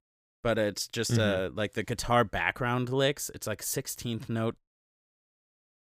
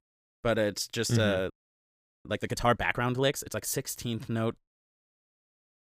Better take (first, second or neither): first